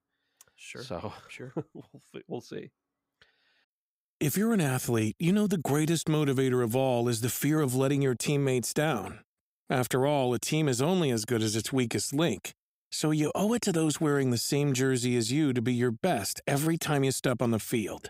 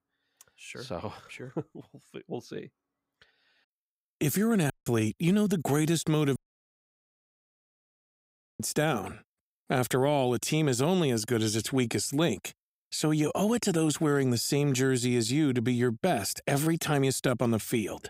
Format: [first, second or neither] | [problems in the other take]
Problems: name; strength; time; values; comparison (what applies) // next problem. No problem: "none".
first | audio cutting out; at 4.5 s and at 6.5 s for 2 s